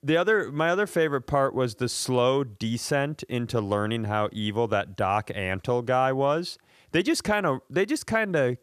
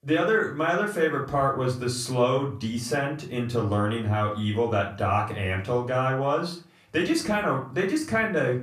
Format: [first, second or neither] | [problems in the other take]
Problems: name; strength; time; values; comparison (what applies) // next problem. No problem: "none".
first | off-mic speech; far // room echo; slight; dies away in 0.3 s